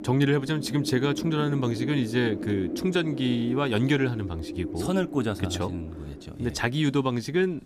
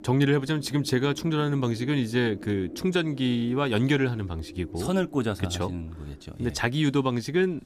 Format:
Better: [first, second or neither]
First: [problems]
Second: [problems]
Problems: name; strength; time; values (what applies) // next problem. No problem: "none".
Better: second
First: wind noise on the microphone; heavy; 9 dB below the speech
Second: wind noise on the microphone; occasional gusts; 20 dB below the speech